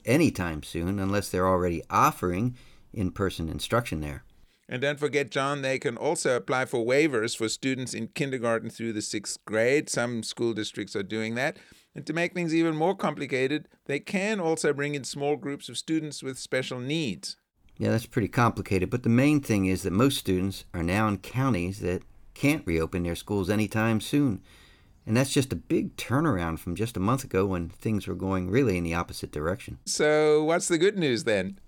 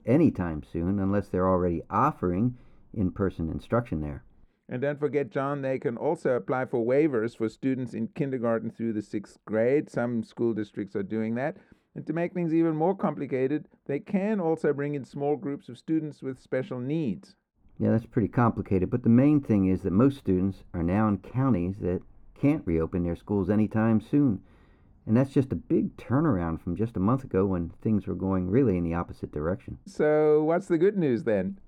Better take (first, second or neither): first